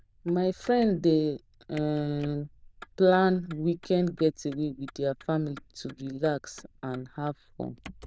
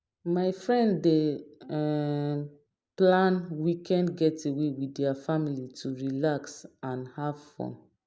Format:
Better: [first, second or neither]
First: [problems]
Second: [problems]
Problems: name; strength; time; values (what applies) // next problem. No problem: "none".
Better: second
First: noise reduction (neural diffusion model UNIVERSE++)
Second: none